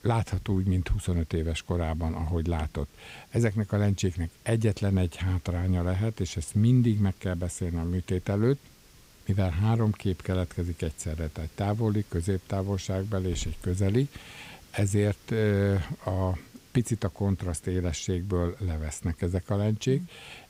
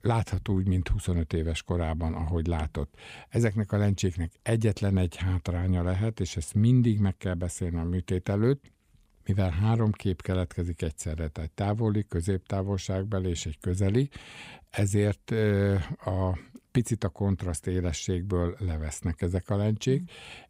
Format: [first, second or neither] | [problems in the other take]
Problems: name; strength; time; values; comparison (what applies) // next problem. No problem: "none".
second | hiss; faint; throughout; 25 dB below the speech